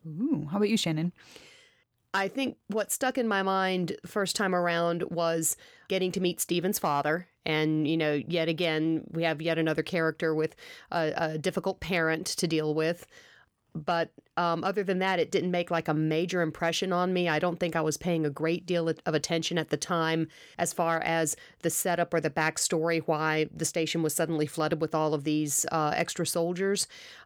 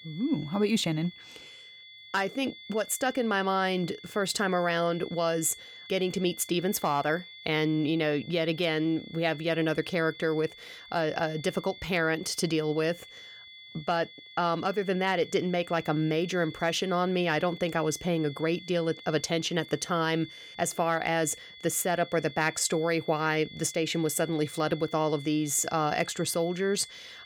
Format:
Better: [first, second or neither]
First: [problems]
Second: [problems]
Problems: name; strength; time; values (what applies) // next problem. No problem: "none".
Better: first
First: none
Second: high-pitched whine; noticeable; throughout; 3.5 kHz, 15 dB below the speech